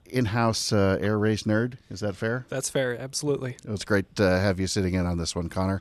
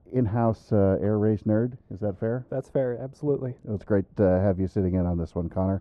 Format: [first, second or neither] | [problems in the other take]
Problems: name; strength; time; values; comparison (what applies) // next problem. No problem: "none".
first | muffled; very; fading above 2 kHz